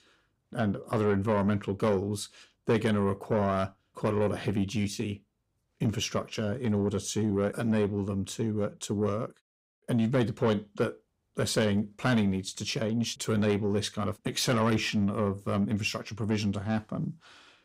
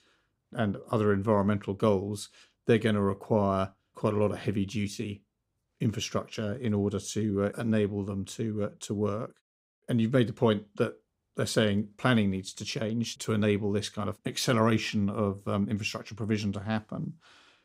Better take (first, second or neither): second